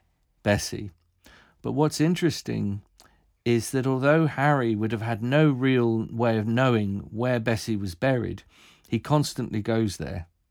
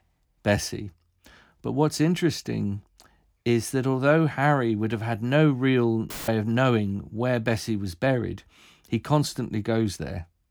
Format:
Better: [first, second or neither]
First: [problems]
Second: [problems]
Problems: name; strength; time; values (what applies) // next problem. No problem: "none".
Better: first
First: none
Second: audio cutting out; filled with static; at 6 s